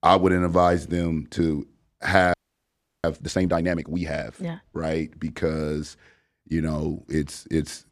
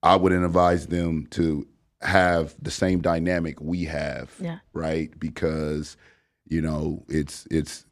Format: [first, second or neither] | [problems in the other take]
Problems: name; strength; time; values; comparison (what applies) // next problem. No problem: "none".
second | audio freezing; at 2.5 s for 0.5 s